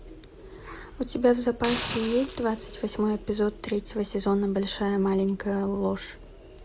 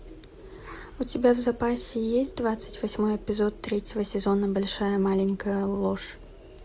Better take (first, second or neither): second